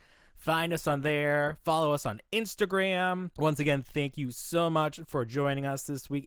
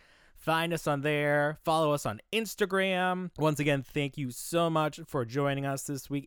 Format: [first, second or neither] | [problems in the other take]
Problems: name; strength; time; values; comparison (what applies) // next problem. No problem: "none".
second | garbled, watery; slightly; nothing above 19 kHz